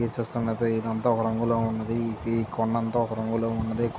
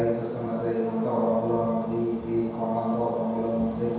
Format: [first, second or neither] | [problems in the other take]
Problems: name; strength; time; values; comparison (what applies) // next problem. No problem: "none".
first | room echo; dies away in 1.2 s